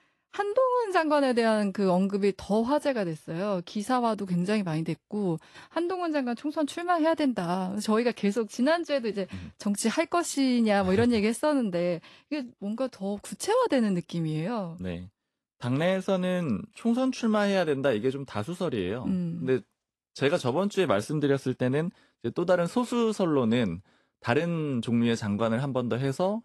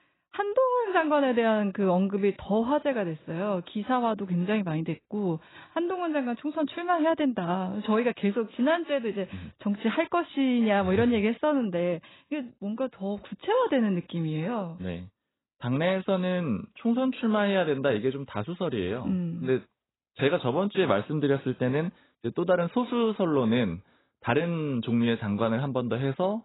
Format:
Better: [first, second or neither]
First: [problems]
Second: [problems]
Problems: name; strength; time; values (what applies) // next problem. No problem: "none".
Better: first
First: garbled, watery; slightly; nothing above 11.5 kHz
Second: garbled, watery; badly; nothing above 4 kHz